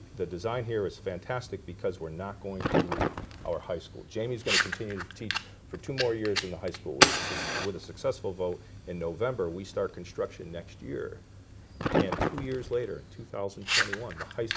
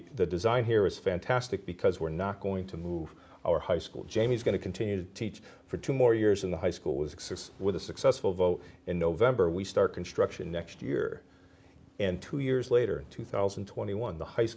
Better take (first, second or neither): second